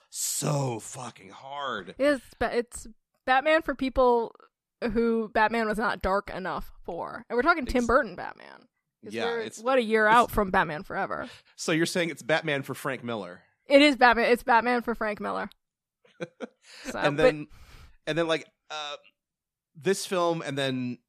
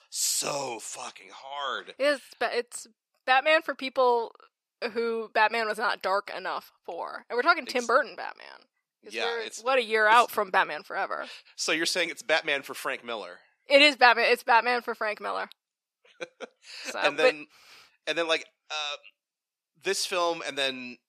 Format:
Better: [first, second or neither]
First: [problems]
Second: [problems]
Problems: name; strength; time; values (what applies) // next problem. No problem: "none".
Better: first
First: none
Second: thin; somewhat; fading below 450 Hz